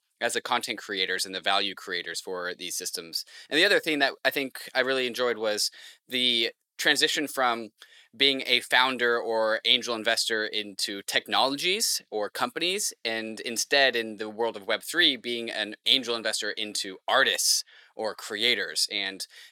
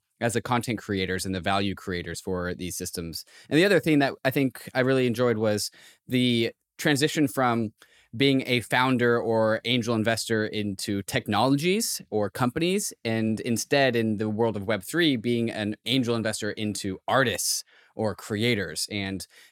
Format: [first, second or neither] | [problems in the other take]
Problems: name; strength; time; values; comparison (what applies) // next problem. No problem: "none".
second | thin; somewhat; fading below 450 Hz